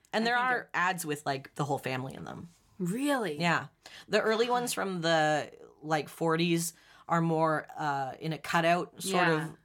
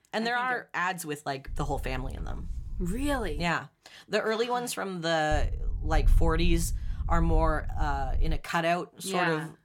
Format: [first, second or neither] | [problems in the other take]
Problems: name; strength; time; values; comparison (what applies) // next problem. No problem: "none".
first | low rumble; faint; from 1.5 to 3.5 s and from 5.5 to 8.5 s; 25 dB below the speech